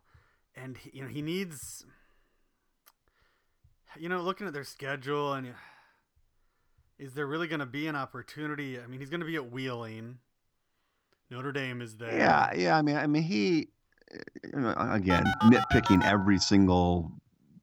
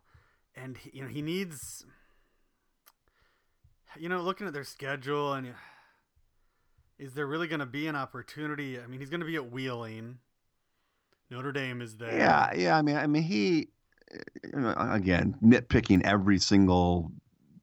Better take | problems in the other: second | phone ringing; noticeable; from 15 to 17 s; peak 1 dB below the speech

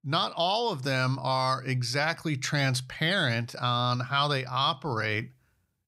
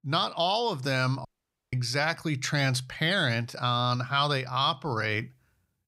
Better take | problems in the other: first | audio cutting out; at 1.5 s

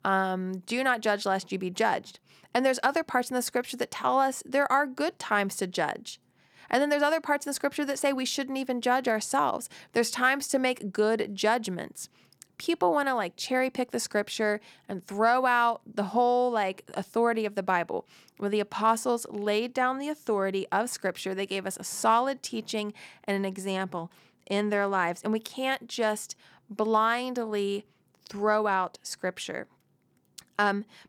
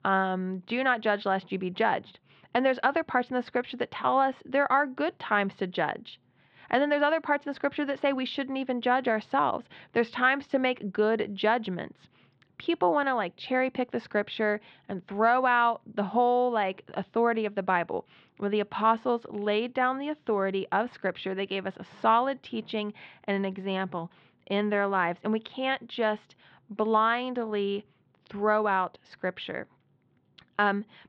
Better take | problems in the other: first | muffled; very; fading above 3.5 kHz

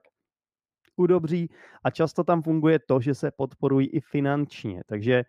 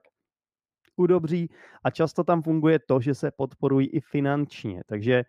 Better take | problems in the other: neither | muffled; slightly; fading above 3 kHz; the same in both

